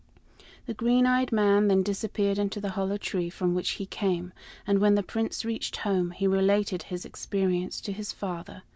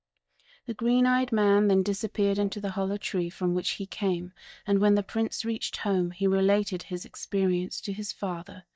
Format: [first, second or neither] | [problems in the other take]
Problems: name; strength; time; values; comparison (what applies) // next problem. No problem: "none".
first | noise reduction (neural mask model DeepFilterNet 3)